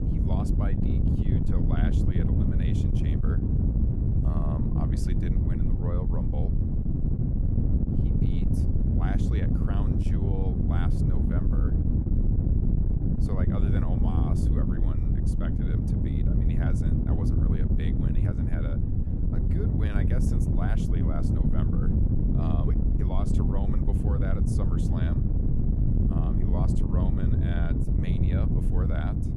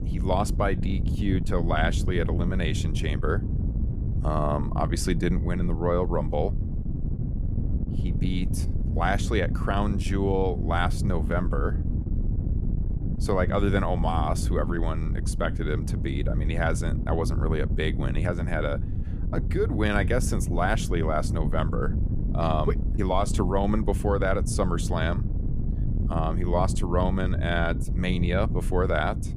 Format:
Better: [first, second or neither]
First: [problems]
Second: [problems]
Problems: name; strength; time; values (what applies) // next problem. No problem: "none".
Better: second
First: wind noise on the microphone; heavy; 5 dB above the speech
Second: wind noise on the microphone; occasional gusts; 10 dB below the speech